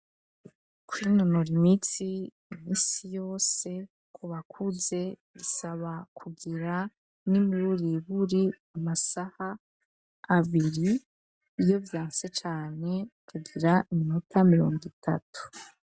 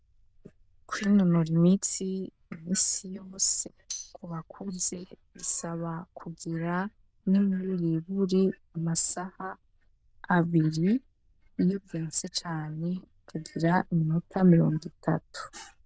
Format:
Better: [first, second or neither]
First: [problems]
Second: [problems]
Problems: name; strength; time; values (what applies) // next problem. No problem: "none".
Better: first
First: none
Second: noise reduction (neural diffusion model UNIVERSE++)